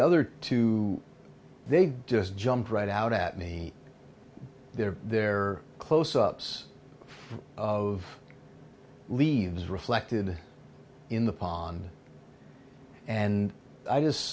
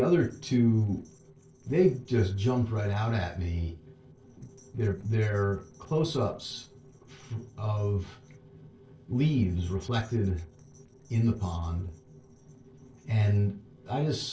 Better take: first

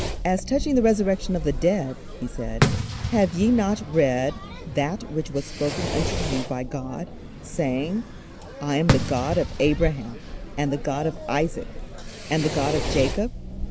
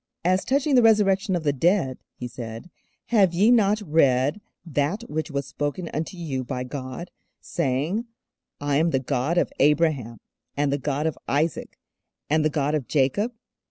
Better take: second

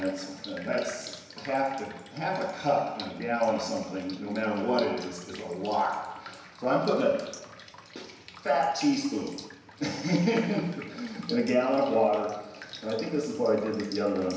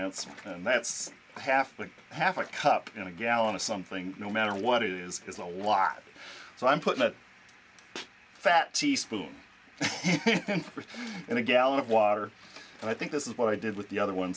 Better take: second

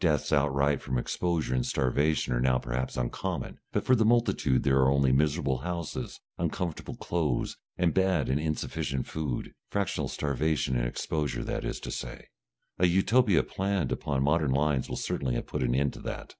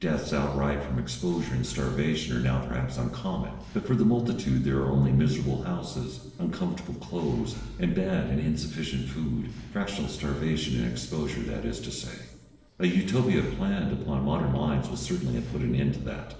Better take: first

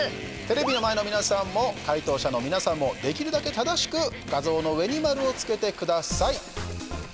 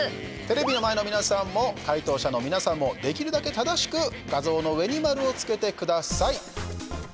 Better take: second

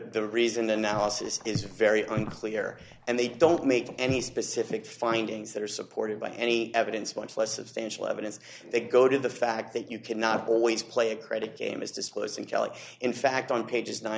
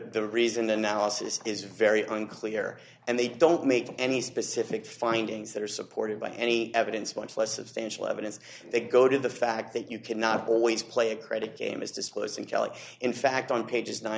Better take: second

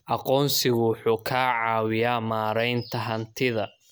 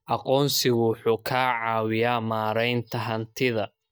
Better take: first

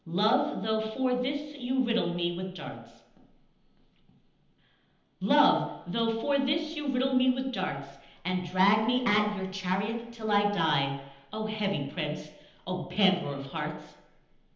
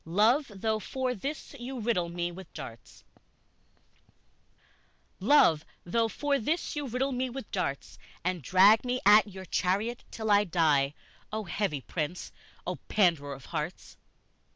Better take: second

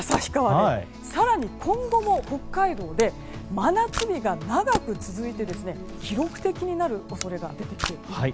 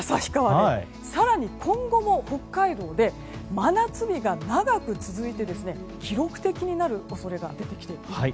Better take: second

